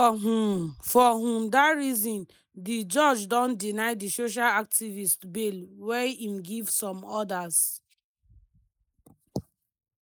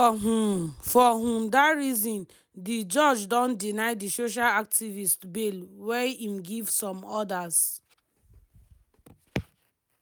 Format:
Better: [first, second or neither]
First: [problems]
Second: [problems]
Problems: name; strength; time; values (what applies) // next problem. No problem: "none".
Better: second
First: noise reduction (neural mask model Resemble Enhance denoiser)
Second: none